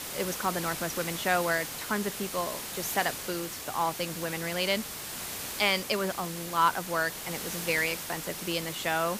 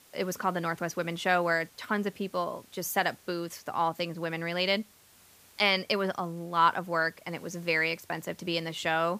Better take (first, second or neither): second